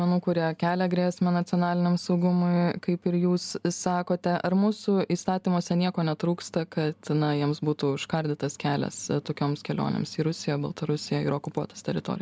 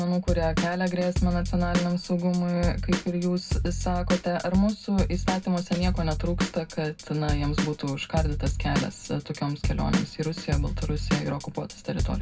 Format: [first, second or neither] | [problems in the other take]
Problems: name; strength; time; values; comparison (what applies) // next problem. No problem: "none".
first | background sound (Drum / Drum kit); 2 dB below the speech // room echo; dies away in 0.3 s